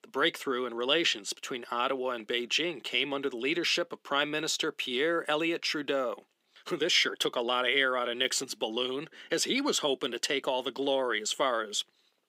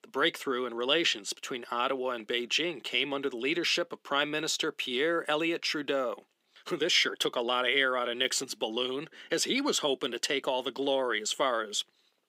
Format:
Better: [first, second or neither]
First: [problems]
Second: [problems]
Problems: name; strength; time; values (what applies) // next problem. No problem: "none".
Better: neither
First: thin; very slightly; fading below 400 Hz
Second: thin; very slightly; fading below 400 Hz